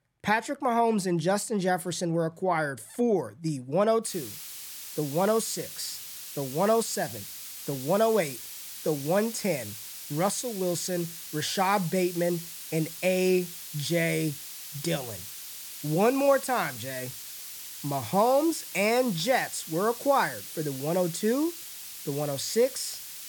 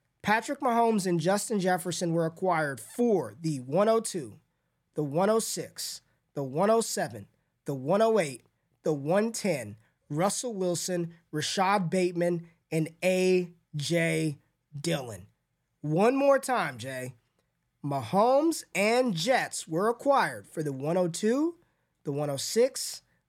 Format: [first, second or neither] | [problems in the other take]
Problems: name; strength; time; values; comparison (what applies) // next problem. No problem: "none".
second | hiss; noticeable; from 4 s on; 10 dB below the speech